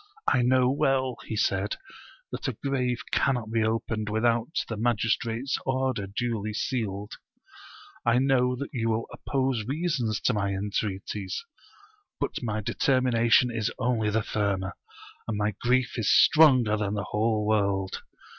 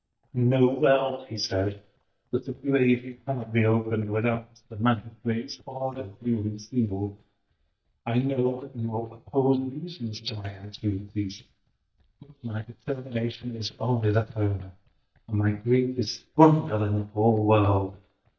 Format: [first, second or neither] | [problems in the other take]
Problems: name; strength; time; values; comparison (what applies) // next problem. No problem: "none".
first | noise reduction (neural mask model DeepFilterNet 3)